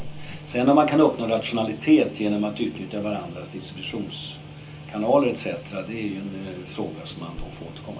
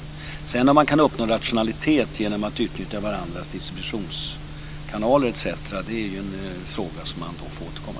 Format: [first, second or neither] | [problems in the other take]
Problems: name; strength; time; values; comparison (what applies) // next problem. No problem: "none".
second | background sound (Cricket); 20 dB below the speech // room echo; dies away in 0.3 s